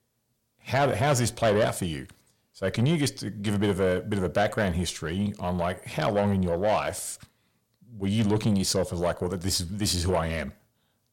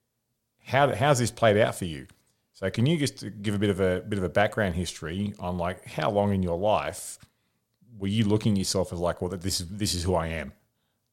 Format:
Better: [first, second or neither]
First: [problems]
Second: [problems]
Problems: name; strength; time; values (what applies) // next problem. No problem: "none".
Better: second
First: distortion; slight; 10 dB below the speech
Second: none